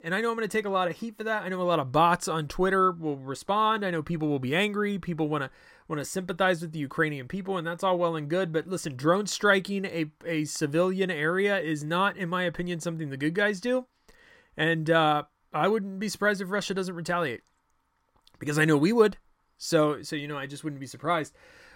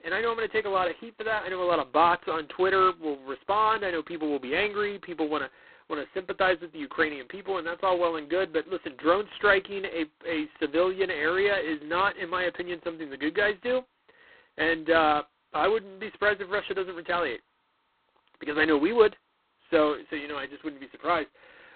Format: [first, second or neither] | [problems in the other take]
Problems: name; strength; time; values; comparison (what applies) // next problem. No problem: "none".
first | phone-call audio; poor line; nothing above 4 kHz